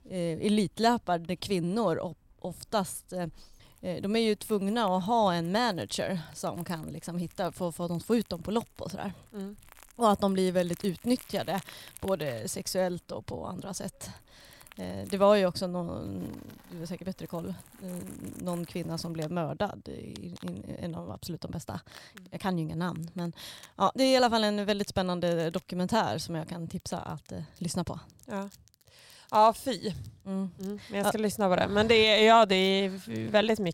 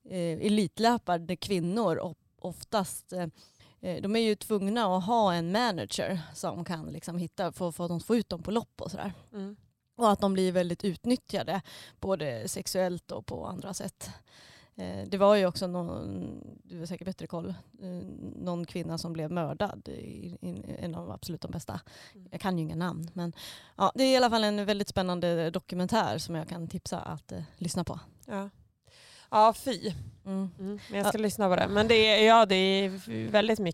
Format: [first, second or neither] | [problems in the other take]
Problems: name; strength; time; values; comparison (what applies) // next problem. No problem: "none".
second | household noises; faint; throughout; 25 dB below the speech